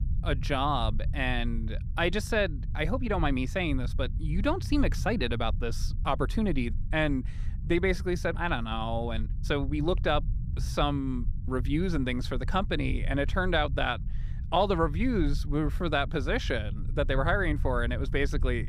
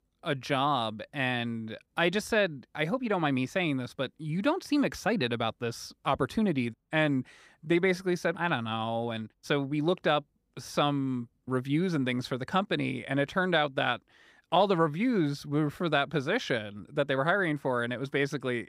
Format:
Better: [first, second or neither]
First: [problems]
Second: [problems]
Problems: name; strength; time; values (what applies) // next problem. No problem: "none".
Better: second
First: low rumble; faint; throughout; 20 dB below the speech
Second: none